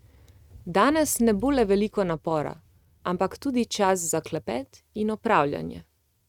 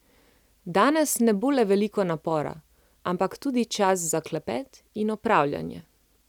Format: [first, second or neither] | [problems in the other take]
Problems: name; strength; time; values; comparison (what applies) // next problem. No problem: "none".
second | noise reduction (neural mask model RNNoise)